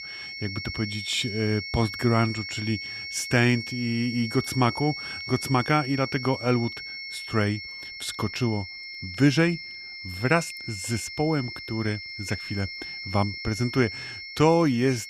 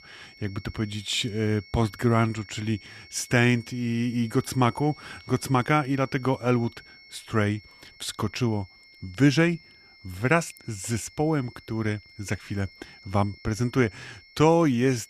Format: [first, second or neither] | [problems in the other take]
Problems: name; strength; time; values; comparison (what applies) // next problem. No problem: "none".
second | high-pitched whine; loud; throughout; 2 kHz, 8 dB below the speech; faint in the second